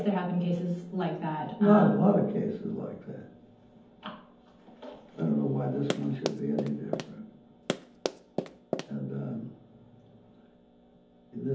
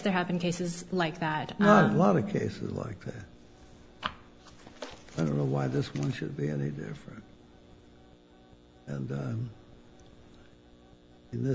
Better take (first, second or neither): second